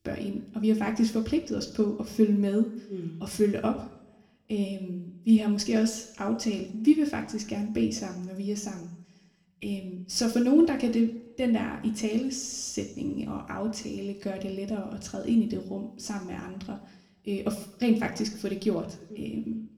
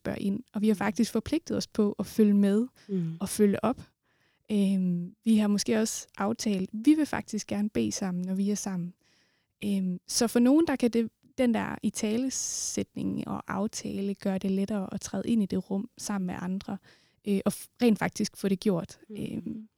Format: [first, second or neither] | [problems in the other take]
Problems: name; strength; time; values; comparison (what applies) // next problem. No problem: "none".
second | room echo; slight; dies away in 0.7 s // off-mic speech; somewhat distant